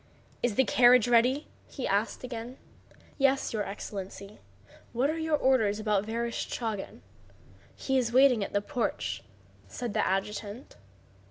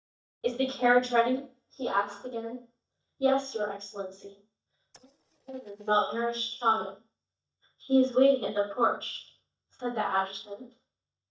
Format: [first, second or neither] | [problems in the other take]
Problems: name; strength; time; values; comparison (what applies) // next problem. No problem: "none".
first | noise reduction (neural mask model DeepFilterNet 3)